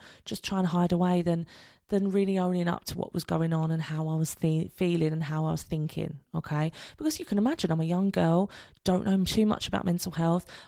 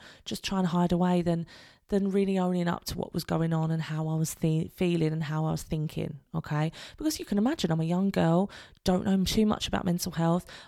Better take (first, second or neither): second